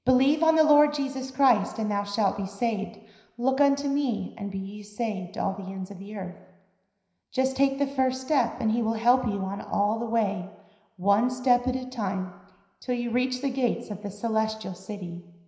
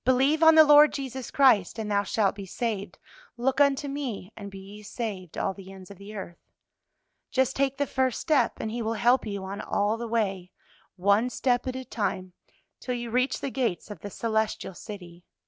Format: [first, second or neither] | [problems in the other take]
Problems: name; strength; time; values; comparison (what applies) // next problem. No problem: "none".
second | room echo; dies away in 0.9 s